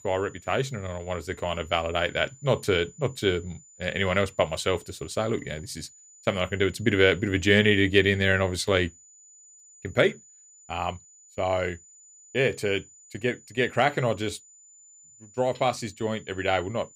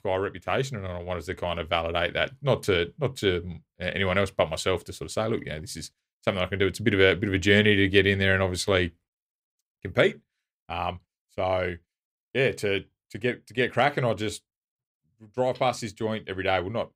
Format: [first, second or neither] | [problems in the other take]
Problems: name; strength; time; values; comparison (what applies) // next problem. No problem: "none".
second | high-pitched whine; faint; throughout; 7 kHz, 25 dB below the speech